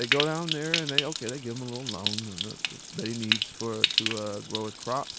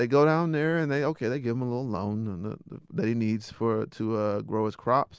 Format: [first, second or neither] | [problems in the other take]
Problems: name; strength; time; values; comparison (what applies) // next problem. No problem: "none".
second | background sound (Stream); 2 dB above the speech